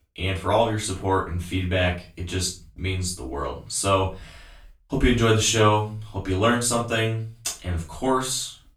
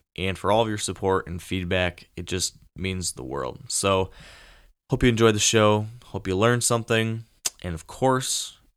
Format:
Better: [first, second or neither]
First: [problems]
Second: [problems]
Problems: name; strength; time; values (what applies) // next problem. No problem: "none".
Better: second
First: off-mic speech; far // room echo; slight; dies away in 0.3 s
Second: none